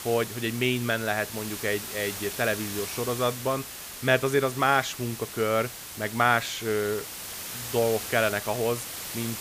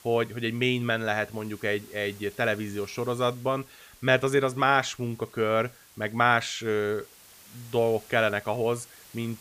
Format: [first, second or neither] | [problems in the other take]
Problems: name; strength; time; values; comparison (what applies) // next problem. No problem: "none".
second | hiss; loud; throughout; 8 dB below the speech; faint in the second